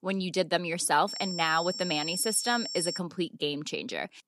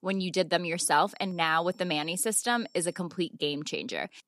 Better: second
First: high-pitched whine; loud; from 1 to 3 s; 5.5 kHz, 6 dB below the speech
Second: high-pitched whine; faint; from 1 to 3 s; 5.5 kHz, 30 dB below the speech

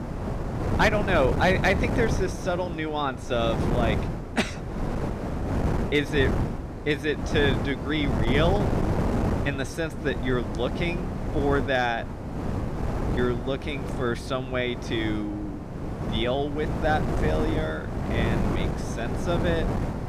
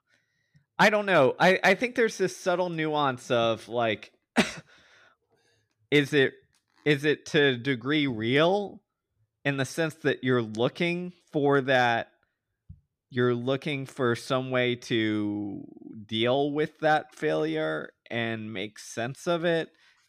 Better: second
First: wind noise on the microphone; heavy; 6 dB below the speech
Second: none

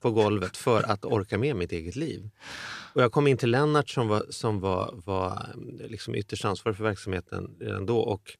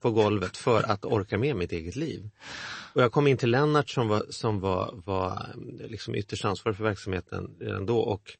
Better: first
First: none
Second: garbled, watery; slightly; nothing above 8 kHz

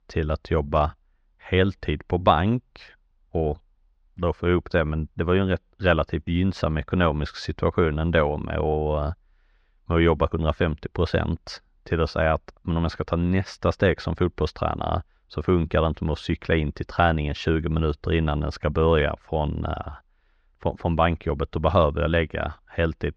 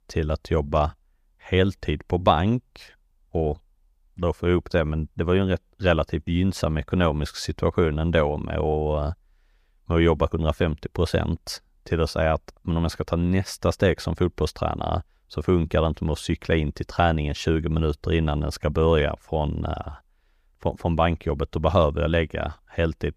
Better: second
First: muffled; very slightly; fading above 4.5 kHz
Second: none

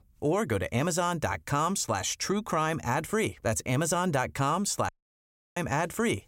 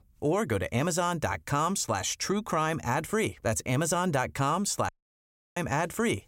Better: neither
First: audio cutting out; at 5 s for 0.5 s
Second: audio cutting out; at 5 s for 0.5 s

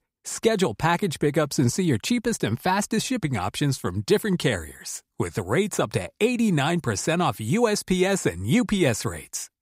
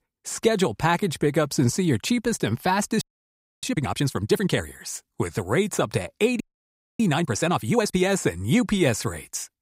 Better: first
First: none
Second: audio freezing; at 3 s for 0.5 s and at 6.5 s for 0.5 s

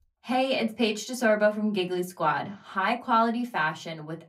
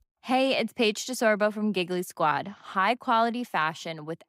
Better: second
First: off-mic speech; somewhat distant // room echo; very slight; dies away in 0.2 s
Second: none

